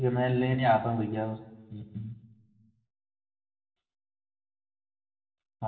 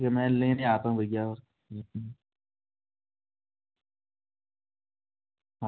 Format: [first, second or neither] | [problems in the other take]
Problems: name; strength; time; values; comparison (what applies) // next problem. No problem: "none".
second | room echo; dies away in 1.3 s